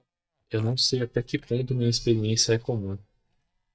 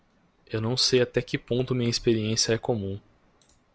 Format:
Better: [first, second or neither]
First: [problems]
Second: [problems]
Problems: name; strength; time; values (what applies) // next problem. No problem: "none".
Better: second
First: noise reduction (neural mask model DeepFilterNet 3)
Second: none